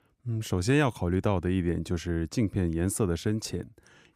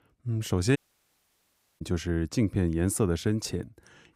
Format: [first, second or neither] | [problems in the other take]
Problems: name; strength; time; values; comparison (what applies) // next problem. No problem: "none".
first | audio cutting out; at 1 s for 1 s